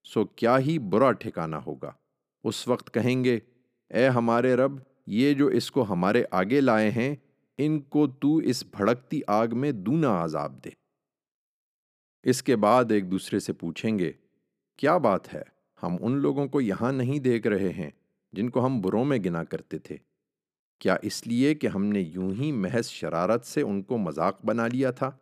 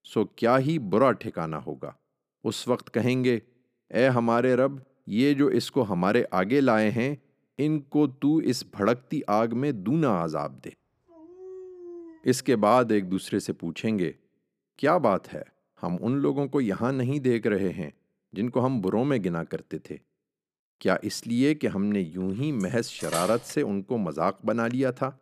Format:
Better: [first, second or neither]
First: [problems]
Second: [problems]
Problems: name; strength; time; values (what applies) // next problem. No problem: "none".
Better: first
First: none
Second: dog barking; faint; from 11 to 13 s; peak 15 dB below the speech // clattering dishes; noticeable; at 23 s; peak 7 dB below the speech